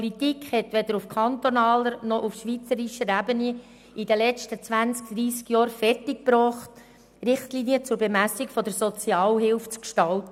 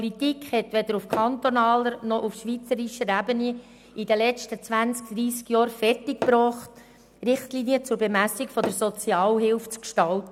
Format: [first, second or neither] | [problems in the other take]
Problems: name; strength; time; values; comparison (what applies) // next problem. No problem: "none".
first | background sound (Tap / Hammer); 11 dB below the speech